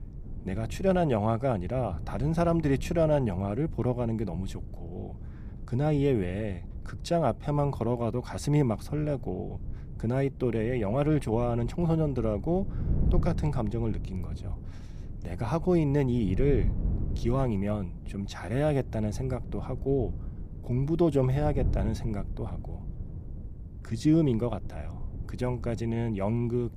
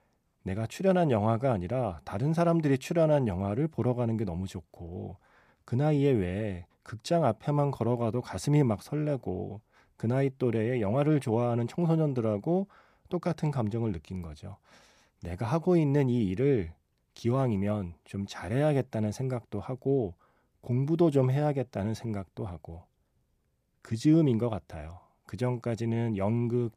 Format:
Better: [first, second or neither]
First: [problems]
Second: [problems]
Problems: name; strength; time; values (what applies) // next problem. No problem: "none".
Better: second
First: wind noise on the microphone; occasional gusts; 20 dB below the speech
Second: none